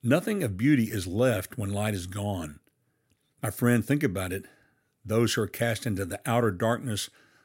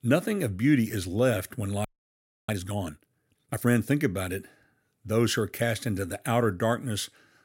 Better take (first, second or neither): first